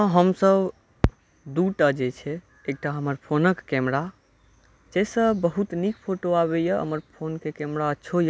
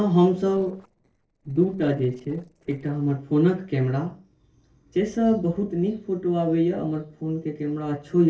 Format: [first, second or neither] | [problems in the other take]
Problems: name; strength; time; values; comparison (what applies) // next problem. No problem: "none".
first | noise reduction (neural separator model SepFormer DNS4)